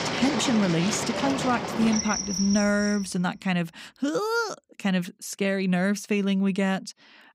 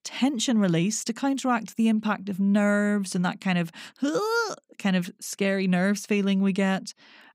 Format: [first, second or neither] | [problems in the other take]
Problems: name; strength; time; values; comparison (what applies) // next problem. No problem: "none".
second | animal sounds; loud; until 3 s; 4 dB below the speech